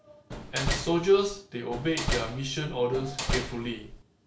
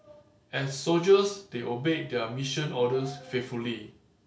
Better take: second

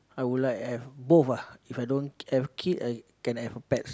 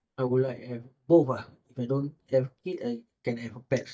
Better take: first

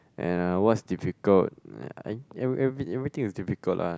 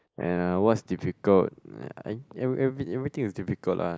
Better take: first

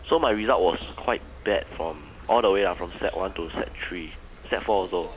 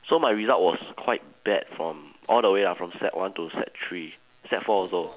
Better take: second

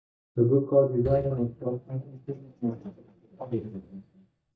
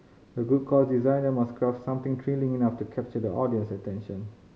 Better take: second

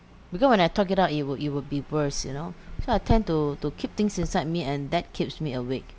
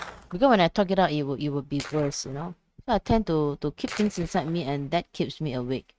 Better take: first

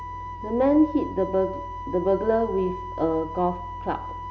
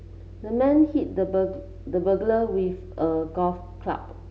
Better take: second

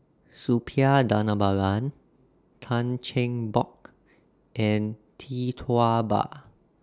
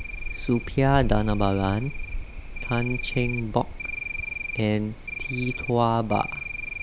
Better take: first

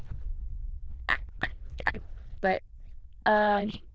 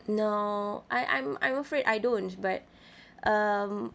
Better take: second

